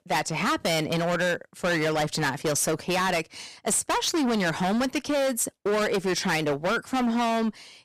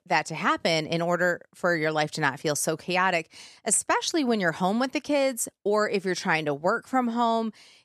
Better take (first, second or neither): second